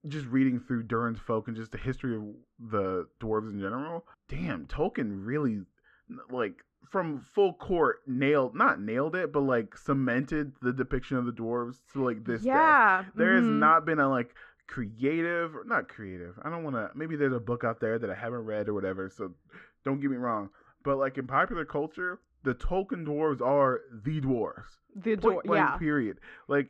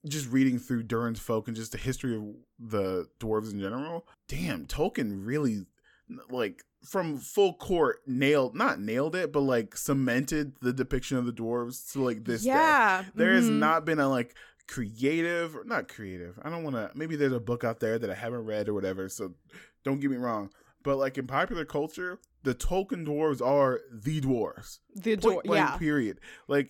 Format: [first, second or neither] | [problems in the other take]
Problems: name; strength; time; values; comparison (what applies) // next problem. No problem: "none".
second | muffled; very; fading above 2.5 kHz